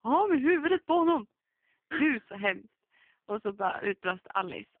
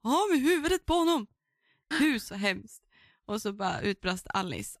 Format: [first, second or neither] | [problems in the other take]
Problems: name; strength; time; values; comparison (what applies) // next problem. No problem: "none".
second | phone-call audio; poor line